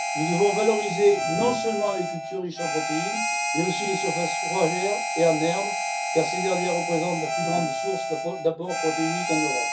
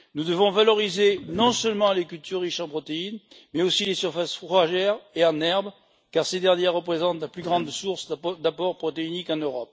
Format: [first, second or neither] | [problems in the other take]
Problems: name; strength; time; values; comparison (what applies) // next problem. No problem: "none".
second | background sound (Harmonica); 1 dB below the speech // room echo; dies away in 0.3 s